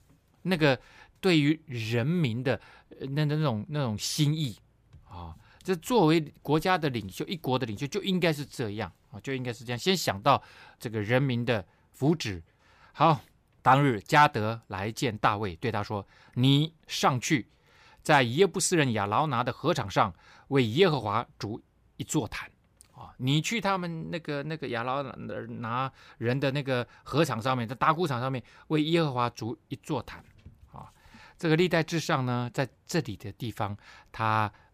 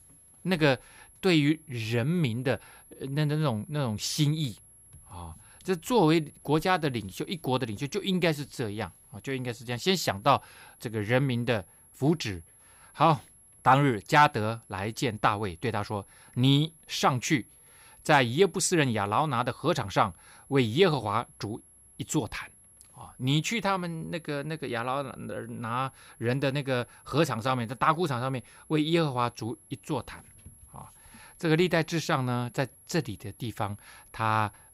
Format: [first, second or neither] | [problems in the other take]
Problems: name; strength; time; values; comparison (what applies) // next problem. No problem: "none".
first | high-pitched whine; faint; throughout; 11 kHz, 25 dB below the speech